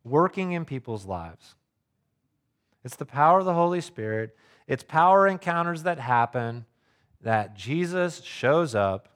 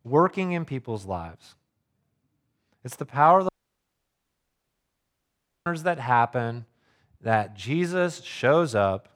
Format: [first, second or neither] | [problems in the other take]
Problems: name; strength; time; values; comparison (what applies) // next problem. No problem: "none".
first | audio cutting out; at 3.5 s for 2 s